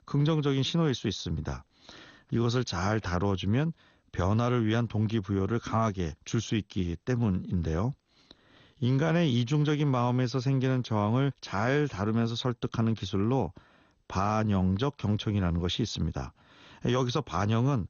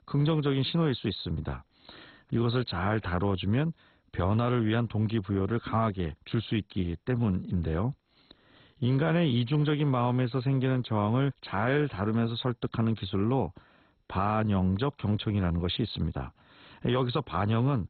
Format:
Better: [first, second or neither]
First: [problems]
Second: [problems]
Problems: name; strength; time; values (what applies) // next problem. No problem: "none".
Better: first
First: garbled, watery; slightly; nothing above 6.5 kHz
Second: garbled, watery; badly; nothing above 4 kHz